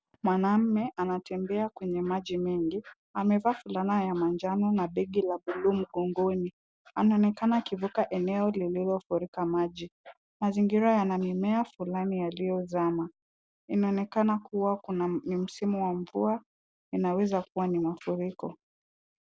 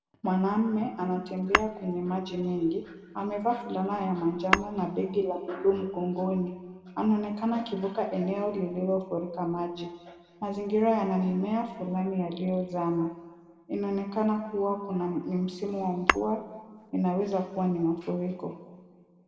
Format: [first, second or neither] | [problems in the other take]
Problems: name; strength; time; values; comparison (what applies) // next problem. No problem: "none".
first | background sound (Tap / Hammer); 5 dB below the speech // room echo; dies away in 1.6 s